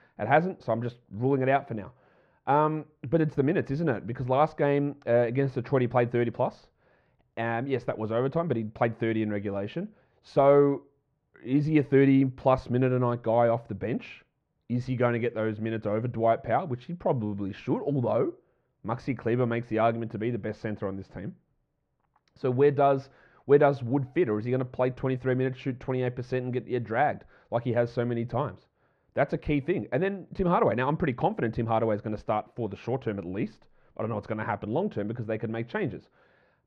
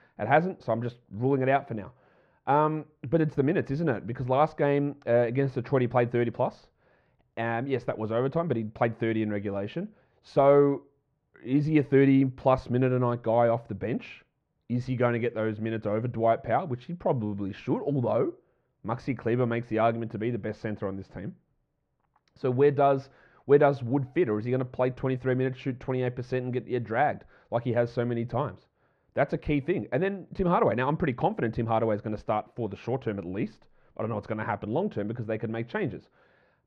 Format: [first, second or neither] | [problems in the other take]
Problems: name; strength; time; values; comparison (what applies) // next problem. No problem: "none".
neither | muffled; very; fading above 3.5 kHz; the same in both